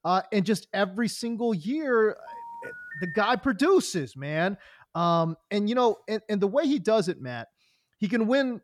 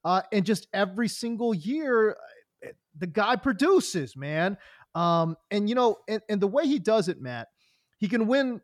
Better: second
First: phone ringing; faint; from 2.5 to 3.5 s; peak 10 dB below the speech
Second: none

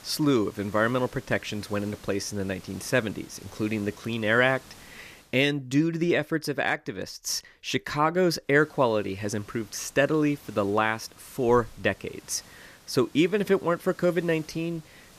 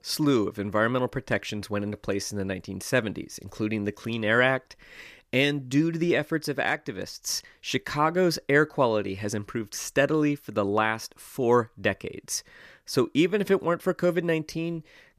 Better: second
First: hiss; faint; until 5.5 s and from 8.5 s on; 25 dB below the speech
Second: none

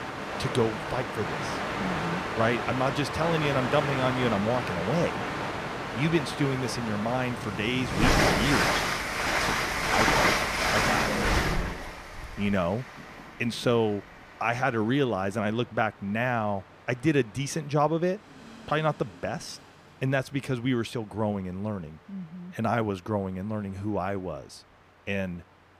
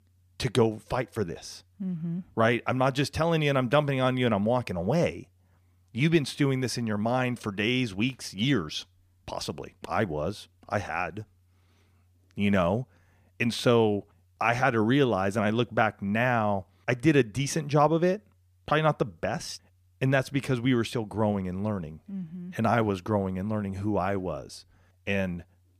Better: second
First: train or aircraft noise; very loud; throughout; 1 dB above the speech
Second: none

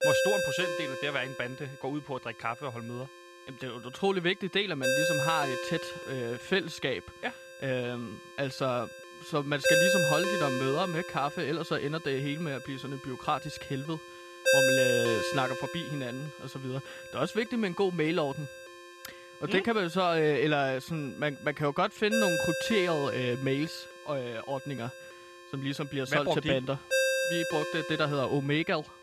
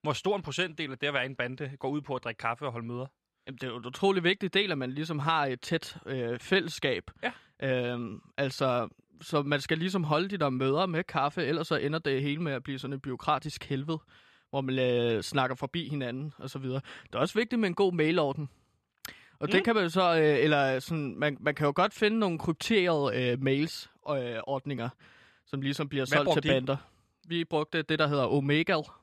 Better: second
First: alarms or sirens; very loud; throughout; 2 dB above the speech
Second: none

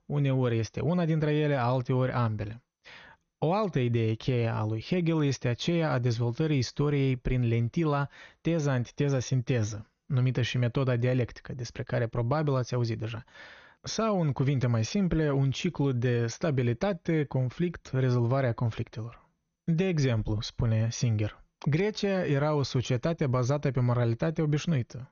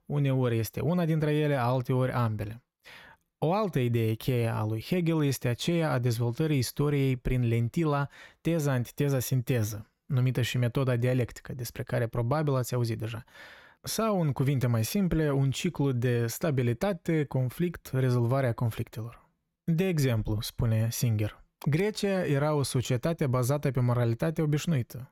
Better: second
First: garbled, watery; slightly; nothing above 6.5 kHz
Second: none

